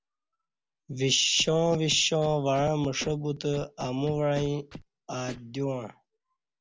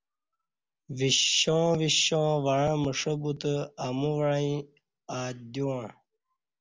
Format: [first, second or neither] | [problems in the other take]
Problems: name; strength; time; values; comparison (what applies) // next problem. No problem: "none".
second | background sound (Scratching (performance technique)); 19 dB below the speech